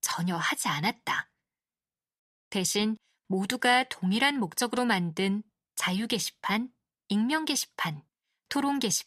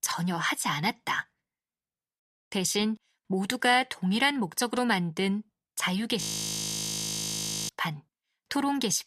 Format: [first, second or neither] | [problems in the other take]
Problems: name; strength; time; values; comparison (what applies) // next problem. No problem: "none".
first | audio freezing; at 6 s for 1.5 s